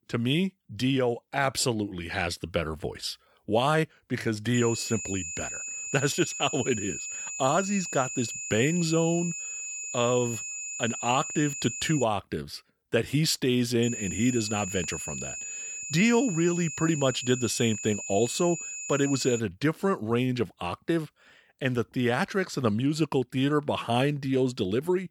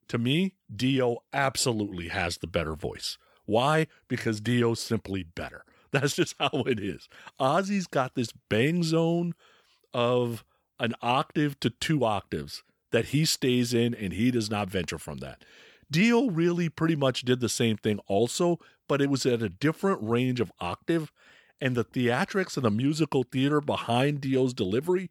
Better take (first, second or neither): second